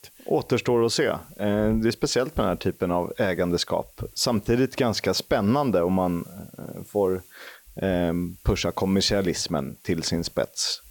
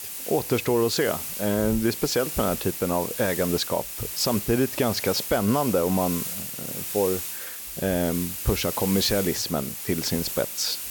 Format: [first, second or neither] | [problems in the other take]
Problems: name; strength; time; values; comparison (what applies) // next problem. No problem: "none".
first | hiss; loud; throughout; 5 dB below the speech; faint in the first